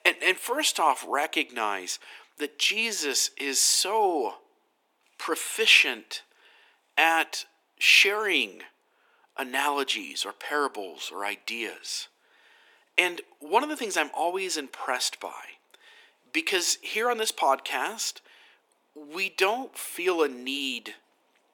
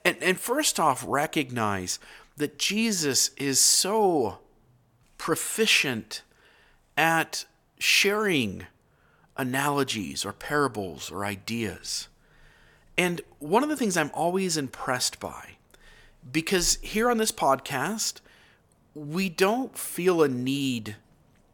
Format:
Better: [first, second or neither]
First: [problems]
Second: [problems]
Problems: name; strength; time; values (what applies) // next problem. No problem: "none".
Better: second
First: thin; somewhat; fading below 300 Hz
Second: none